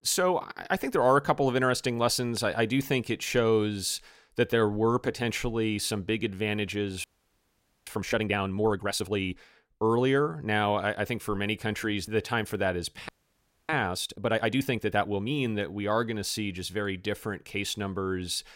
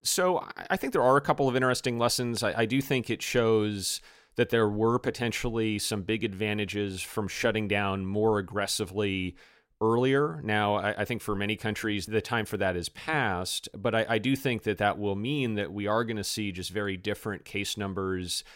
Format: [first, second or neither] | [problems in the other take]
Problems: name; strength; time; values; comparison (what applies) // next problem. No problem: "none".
second | audio freezing; at 7 s for 1 s and at 13 s for 0.5 s